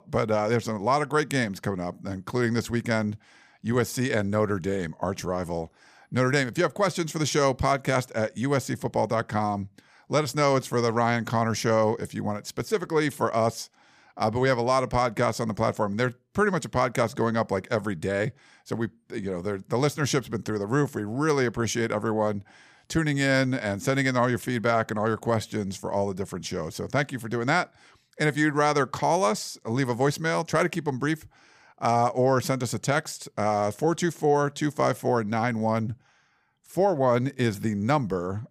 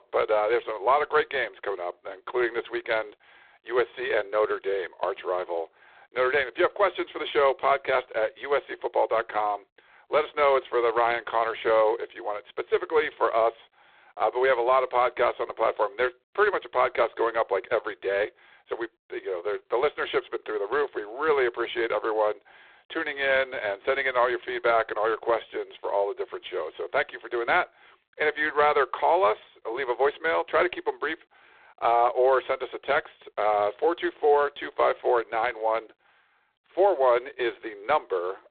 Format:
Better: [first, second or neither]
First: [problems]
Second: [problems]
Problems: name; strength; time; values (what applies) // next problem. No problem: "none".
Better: first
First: none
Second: phone-call audio; poor line; nothing above 4 kHz